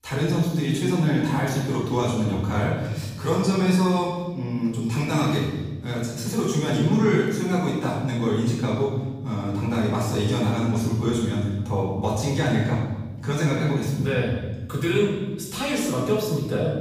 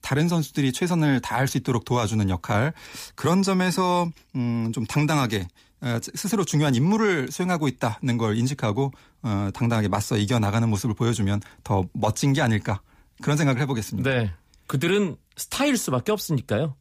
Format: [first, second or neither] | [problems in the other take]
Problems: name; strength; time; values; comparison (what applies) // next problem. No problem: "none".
second | off-mic speech; far // room echo; noticeable; dies away in 1.2 s